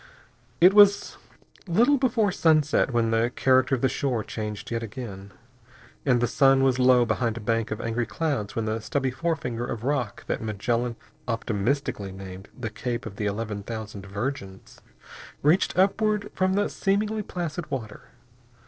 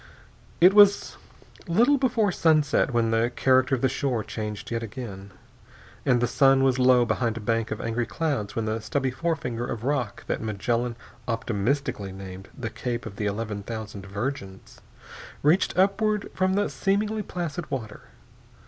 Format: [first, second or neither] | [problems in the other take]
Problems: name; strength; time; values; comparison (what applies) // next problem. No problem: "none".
second | noise reduction (neural separator model SepFormer DNS4)